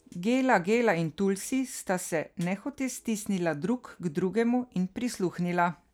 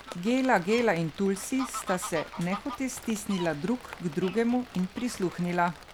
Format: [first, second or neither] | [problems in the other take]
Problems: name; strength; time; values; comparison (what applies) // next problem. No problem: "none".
first | background sound (Fowl + Rain); 14 dB below the speech